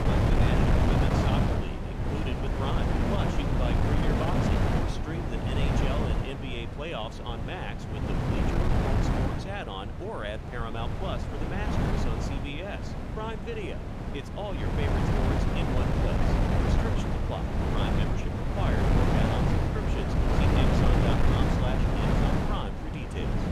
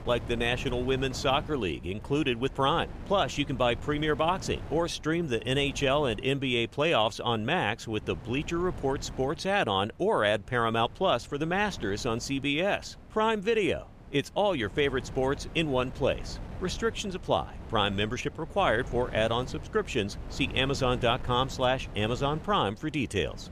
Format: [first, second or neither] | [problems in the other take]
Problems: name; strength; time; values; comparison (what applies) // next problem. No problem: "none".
second | wind noise on the microphone; heavy; 5 dB above the speech; occasional gusts in the second